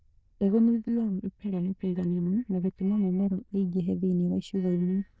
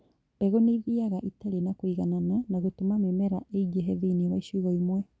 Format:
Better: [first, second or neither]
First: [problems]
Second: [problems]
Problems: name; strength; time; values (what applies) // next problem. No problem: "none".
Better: second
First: noise reduction (neural diffusion model UNIVERSE++)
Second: none